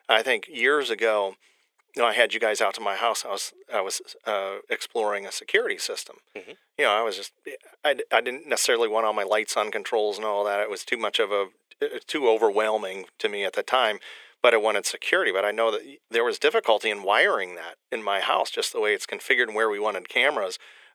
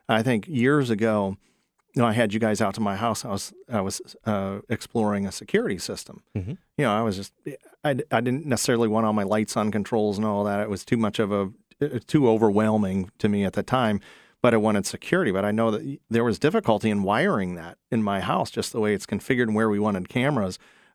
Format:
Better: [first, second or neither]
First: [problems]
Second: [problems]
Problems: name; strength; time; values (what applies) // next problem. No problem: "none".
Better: second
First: thin; very; fading below 450 Hz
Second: none